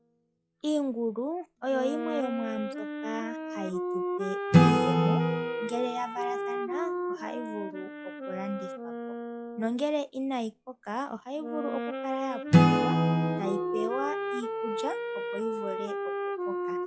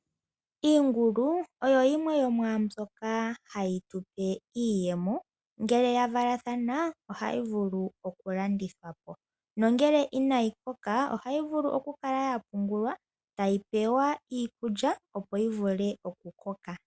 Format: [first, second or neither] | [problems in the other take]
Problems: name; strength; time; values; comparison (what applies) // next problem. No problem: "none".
second | noise reduction (classical method log-MMSE)